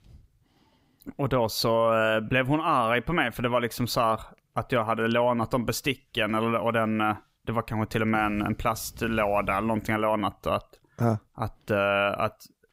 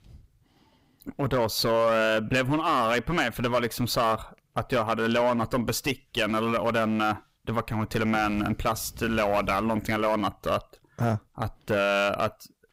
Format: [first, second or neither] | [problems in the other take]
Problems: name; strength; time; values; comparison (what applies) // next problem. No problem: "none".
first | distortion; slight; 7% of the sound clipped